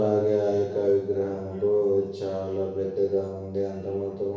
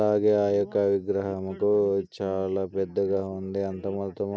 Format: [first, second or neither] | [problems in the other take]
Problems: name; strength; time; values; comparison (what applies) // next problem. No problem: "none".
second | room echo; dies away in 1.1 s